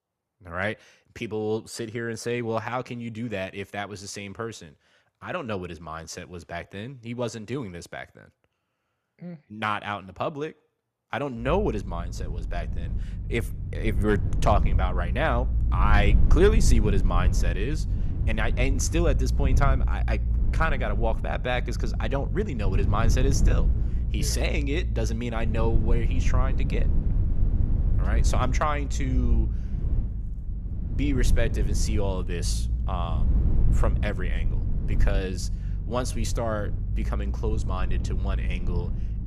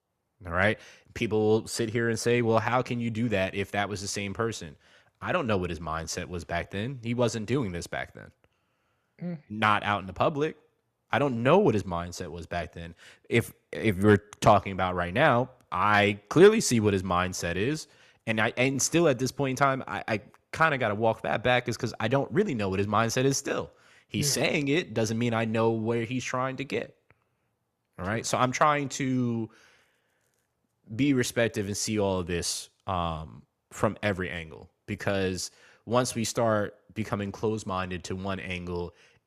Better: second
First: low rumble; noticeable; from 11 s on; 10 dB below the speech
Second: none

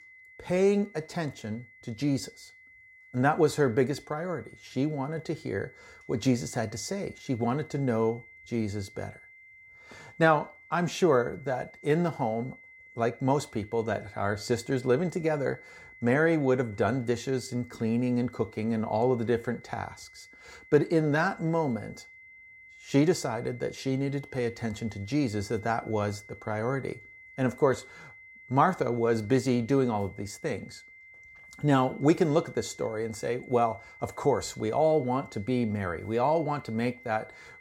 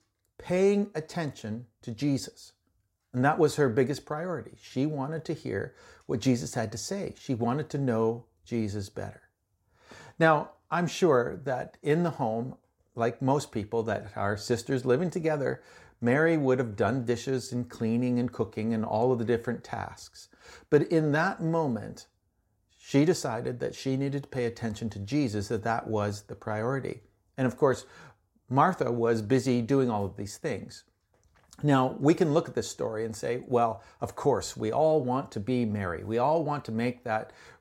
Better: second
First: high-pitched whine; faint; throughout; 2 kHz, 20 dB below the speech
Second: none

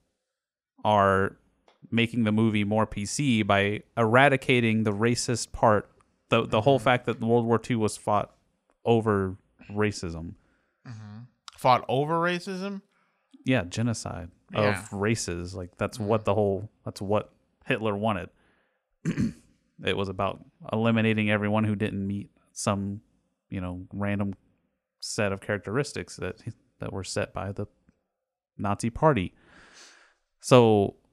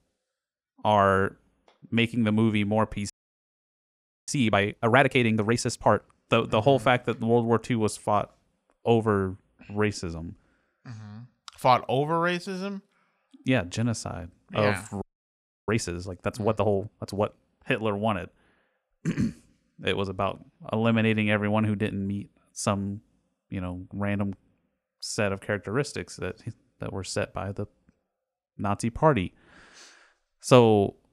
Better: first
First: none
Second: audio freezing; at 3 s for 1 s and at 15 s for 0.5 s

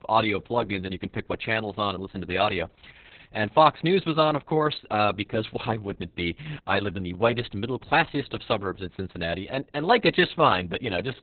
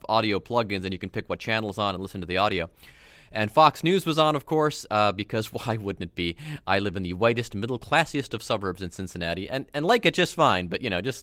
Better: second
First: garbled, watery; badly; nothing above 4 kHz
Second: garbled, watery; slightly; nothing above 16.5 kHz

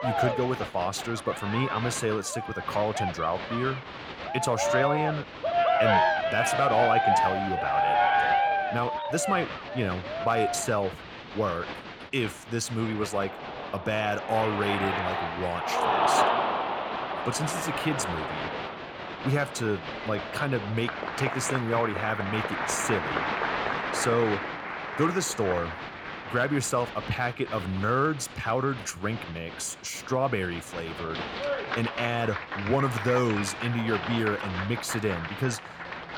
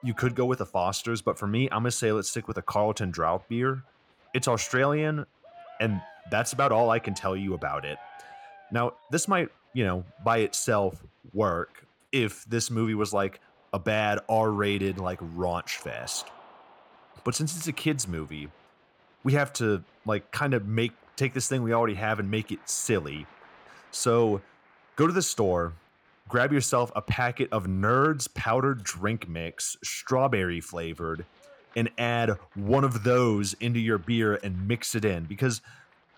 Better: second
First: crowd noise; loud; throughout; as loud as the speech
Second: crowd noise; faint; throughout; 25 dB below the speech

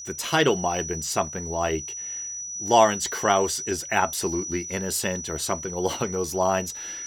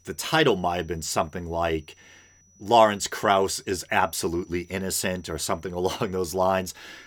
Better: second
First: high-pitched whine; loud; throughout; 6 kHz, 7 dB below the speech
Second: high-pitched whine; faint; throughout; 6 kHz, 35 dB below the speech

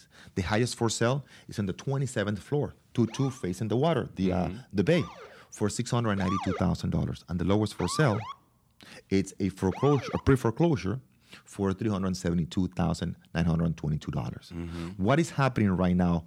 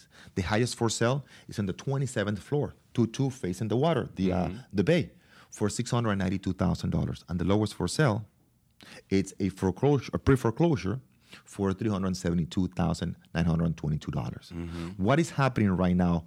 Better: second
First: siren; noticeable; from 3 to 10 s; peak 6 dB below the speech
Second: none

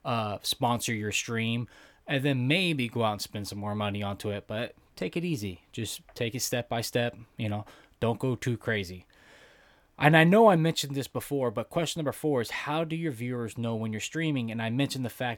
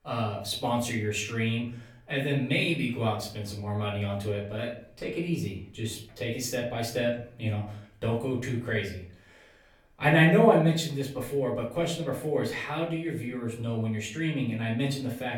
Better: first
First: none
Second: room echo; slight; dies away in 0.4 s // off-mic speech; far

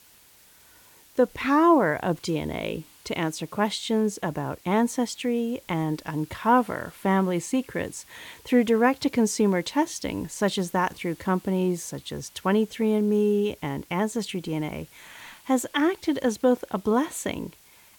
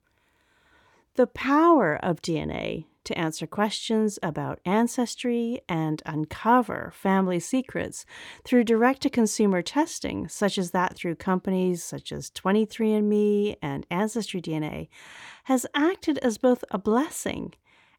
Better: second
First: hiss; faint; throughout; 25 dB below the speech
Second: none

